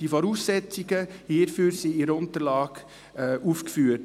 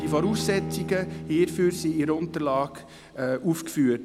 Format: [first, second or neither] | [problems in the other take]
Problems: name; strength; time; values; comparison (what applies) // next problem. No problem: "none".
first | background sound (Bowed string instrument); 9 dB below the speech